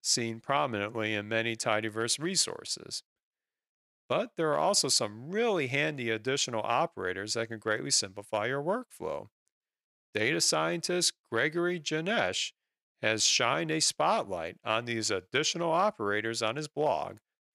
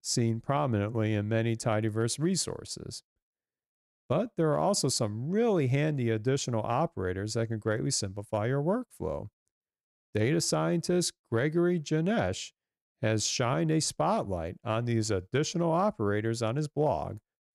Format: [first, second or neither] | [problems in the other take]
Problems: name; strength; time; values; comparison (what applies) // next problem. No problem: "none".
second | thin; somewhat; fading below 550 Hz